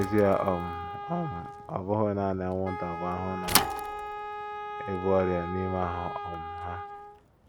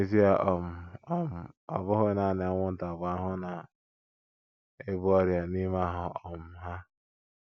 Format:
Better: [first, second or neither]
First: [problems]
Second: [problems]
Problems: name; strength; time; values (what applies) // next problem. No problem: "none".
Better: second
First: background sound (Thump, thud / Bicycle + Wind instrument, woodwind instrument); 4 dB below the speech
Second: none